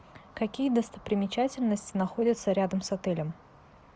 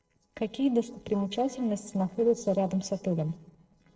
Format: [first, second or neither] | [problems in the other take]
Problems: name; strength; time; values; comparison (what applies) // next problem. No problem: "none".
first | noise reduction (neural separator model SepFormer DNS4)